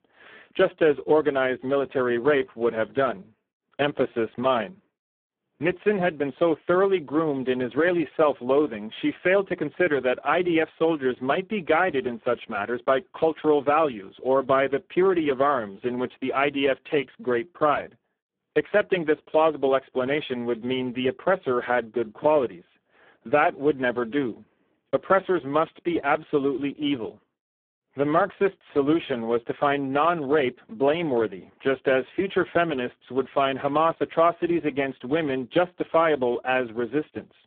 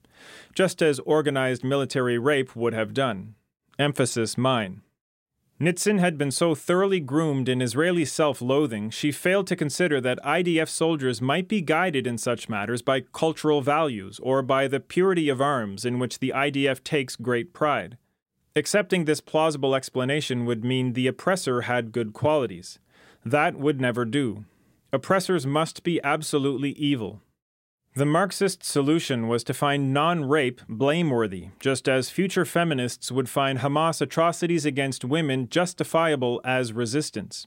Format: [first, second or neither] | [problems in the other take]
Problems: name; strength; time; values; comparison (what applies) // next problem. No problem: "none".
second | phone-call audio; poor line